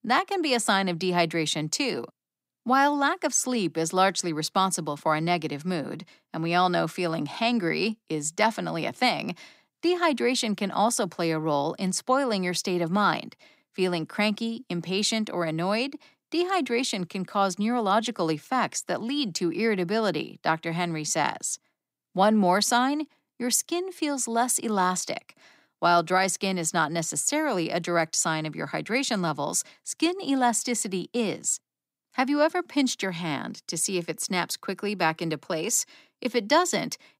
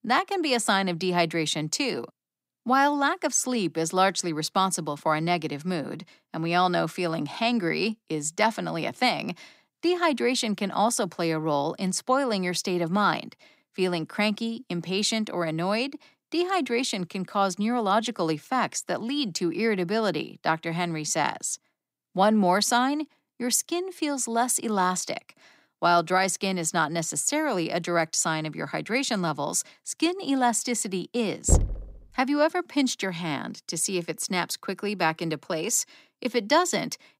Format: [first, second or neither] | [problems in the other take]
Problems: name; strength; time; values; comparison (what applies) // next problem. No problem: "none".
first | door banging; loud; at 31 s; peak level with the speech